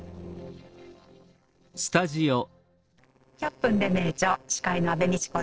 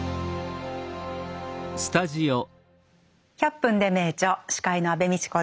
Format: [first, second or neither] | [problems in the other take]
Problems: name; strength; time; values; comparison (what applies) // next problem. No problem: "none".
second | noise reduction (neural separator model SepFormer DNS4)